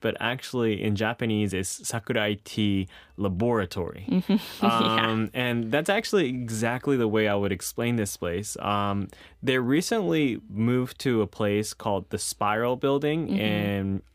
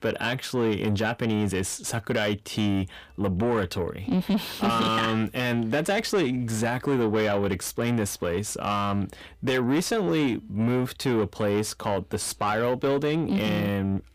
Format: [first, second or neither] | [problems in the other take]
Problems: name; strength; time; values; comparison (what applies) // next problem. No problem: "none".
first | distortion; slight; 10 dB below the speech